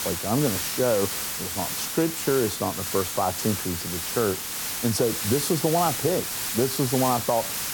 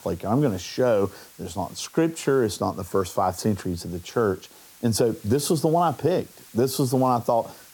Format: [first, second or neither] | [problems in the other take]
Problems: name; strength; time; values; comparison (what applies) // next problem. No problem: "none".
second | hiss; loud; throughout; 2 dB below the speech; faint in the second